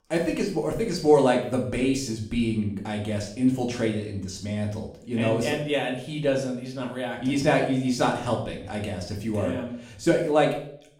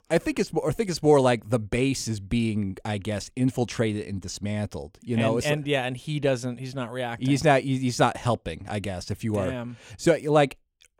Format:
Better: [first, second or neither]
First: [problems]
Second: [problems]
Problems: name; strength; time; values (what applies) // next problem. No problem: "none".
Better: second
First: room echo; slight; dies away in 0.5 s // off-mic speech; somewhat distant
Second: none